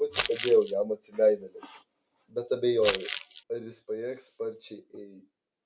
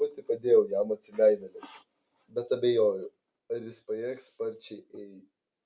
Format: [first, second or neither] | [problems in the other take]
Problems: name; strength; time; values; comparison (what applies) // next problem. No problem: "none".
second | background sound (Crumpling, crinkling); 5 dB below the speech